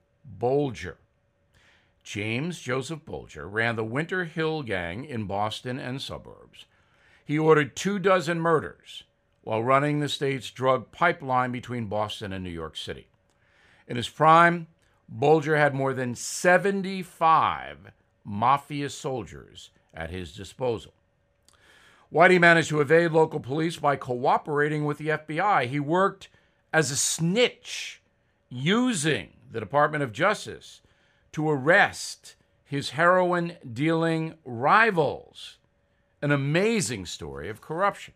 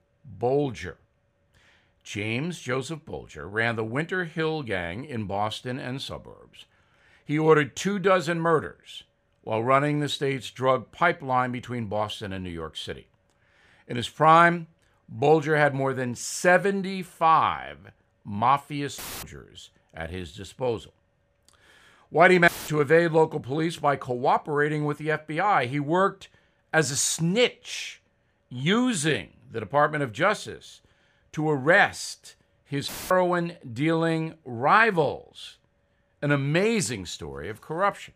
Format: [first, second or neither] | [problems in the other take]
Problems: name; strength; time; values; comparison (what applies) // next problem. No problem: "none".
first | audio cutting out; filled with static; at 19 s, at 22 s and at 33 s